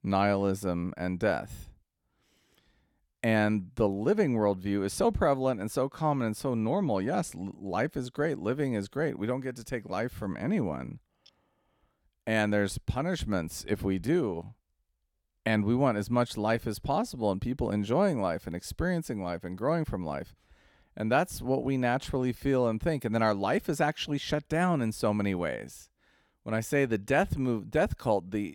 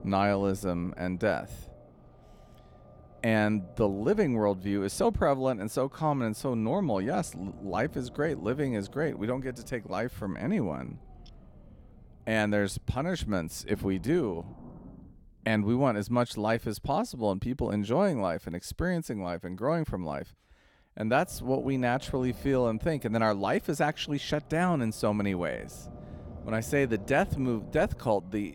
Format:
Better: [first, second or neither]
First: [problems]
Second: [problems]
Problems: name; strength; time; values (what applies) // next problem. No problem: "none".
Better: first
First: none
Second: low rumble; faint; until 16 s and from 21 s on; 25 dB below the speech